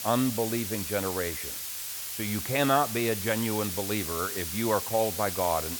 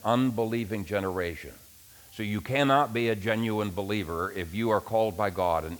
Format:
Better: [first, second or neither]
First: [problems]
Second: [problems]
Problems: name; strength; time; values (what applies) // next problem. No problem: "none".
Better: second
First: hiss; loud; throughout; 3 dB below the speech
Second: hiss; faint; throughout; 20 dB below the speech